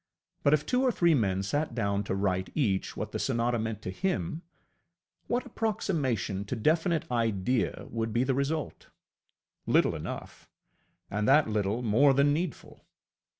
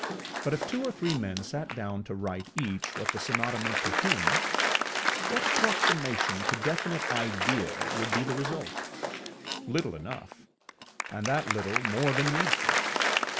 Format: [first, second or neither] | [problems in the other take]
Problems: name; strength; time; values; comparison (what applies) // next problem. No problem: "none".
first | background sound (Applause); 3 dB above the speech